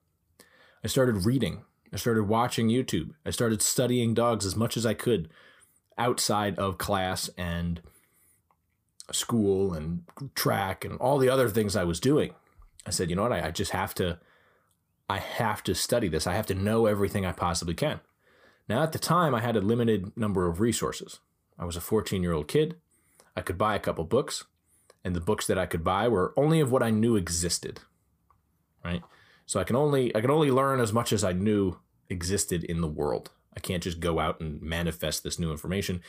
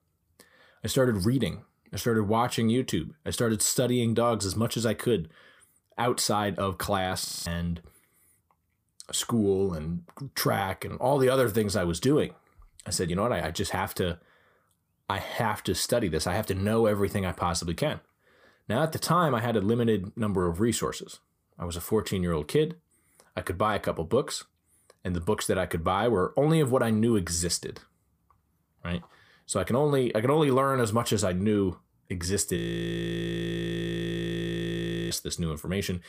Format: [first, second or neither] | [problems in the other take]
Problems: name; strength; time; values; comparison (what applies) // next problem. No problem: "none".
first | audio freezing; at 7.5 s and at 33 s for 2.5 s